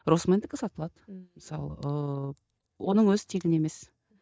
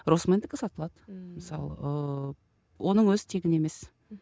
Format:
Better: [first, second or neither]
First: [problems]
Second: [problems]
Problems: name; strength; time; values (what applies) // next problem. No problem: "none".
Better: second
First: noise reduction (neural mask model DeepFilterNet 3)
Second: none